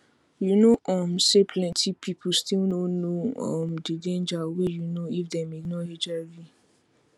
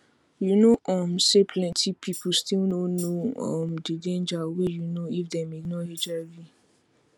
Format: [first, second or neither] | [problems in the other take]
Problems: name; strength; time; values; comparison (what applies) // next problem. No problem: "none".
first | background sound (Tambourine); 17 dB below the speech